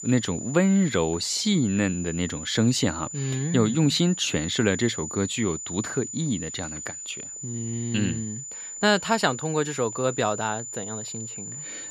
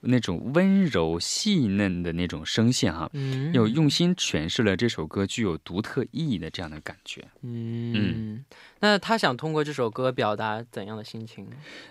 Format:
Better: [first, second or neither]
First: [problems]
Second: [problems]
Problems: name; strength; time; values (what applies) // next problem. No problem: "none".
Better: second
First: high-pitched whine; loud; throughout; 7 kHz, 9 dB below the speech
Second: none